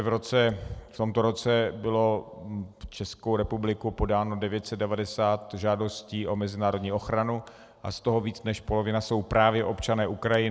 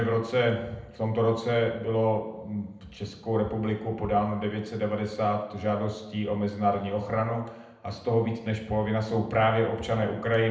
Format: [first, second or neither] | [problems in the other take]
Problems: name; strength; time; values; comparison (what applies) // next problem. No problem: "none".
first | room echo; dies away in 0.7 s